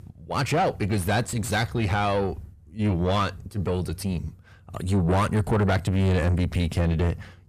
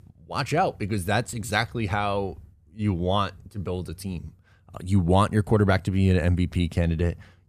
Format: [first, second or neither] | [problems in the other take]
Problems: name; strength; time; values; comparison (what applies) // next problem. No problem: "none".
second | distortion; heavy; 7 dB below the speech